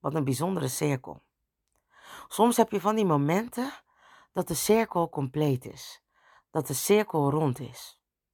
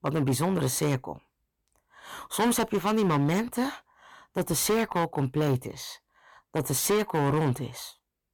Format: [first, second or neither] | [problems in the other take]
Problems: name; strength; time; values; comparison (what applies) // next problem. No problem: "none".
first | distortion; heavy; 11% of the sound clipped